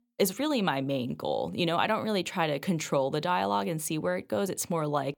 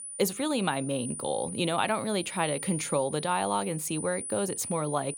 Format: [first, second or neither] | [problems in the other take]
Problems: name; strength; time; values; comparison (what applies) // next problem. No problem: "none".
first | high-pitched whine; loud; throughout; 9.5 kHz, 7 dB below the speech